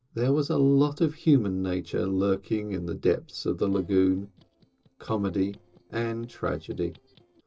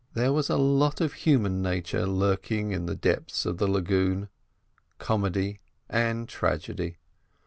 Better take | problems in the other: second | noise reduction (neural separator model SepFormer DNS4)

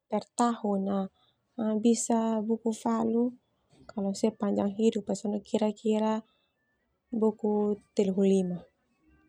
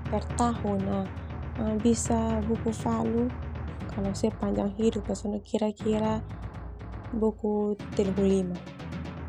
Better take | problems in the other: first | background sound (Drum); 7 dB below the speech

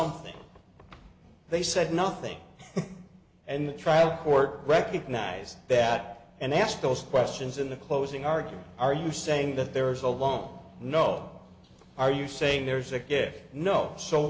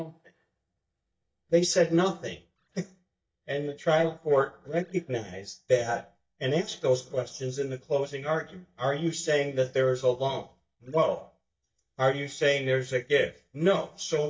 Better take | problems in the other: first | noise reduction (neural mask model DeepFilterNet 3)

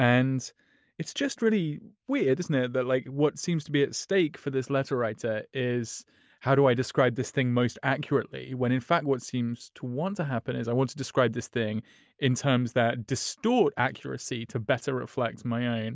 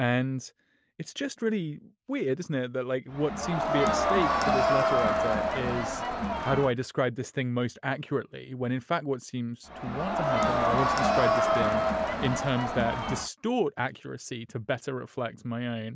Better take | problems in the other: first | background sound (Crowd); 4 dB above the speech

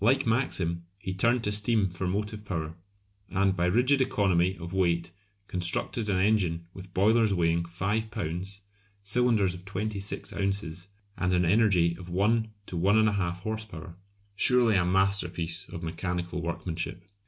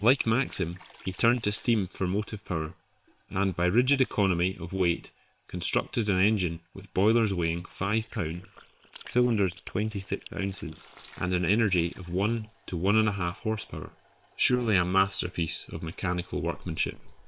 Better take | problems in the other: first | noise reduction (neural separator model SepFormer WHAM!)

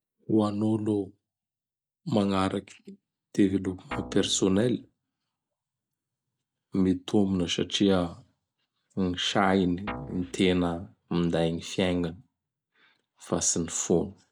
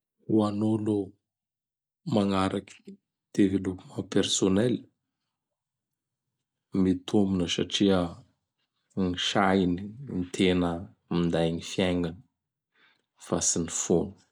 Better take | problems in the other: second | background sound (Guitar); 13 dB below the speech

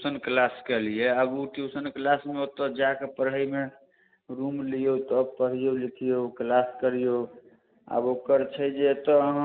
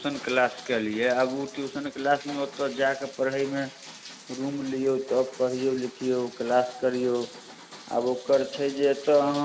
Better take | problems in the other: first | background sound (Rain); 18 dB below the speech

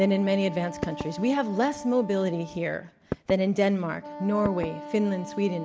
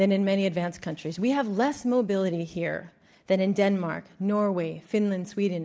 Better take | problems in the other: second | background sound (Wind instrument, woodwind instrument + Knock / Wood); 12 dB below the speech

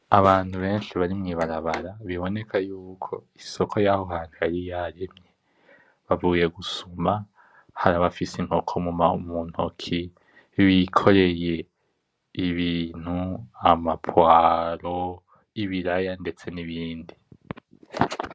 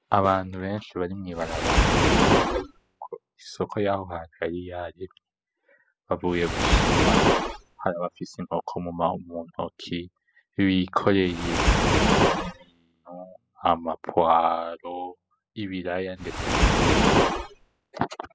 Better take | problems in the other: first | noise reduction (classical method spectral subtraction)

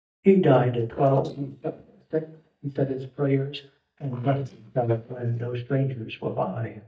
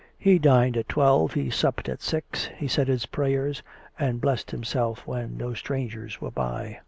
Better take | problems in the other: second | noise reduction (neural mask model DeepFilterNet 3)

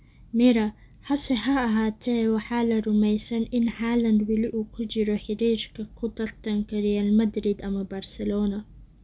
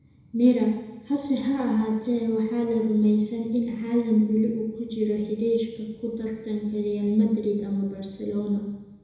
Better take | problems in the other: first | room echo; dies away in 1 s

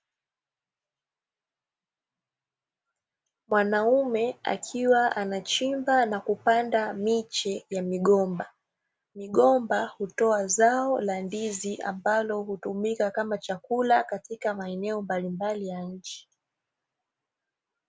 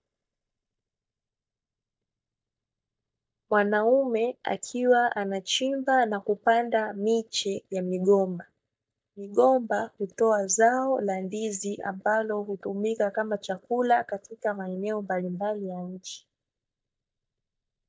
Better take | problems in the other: first | noise reduction (neural mask model DeepFilterNet 3)

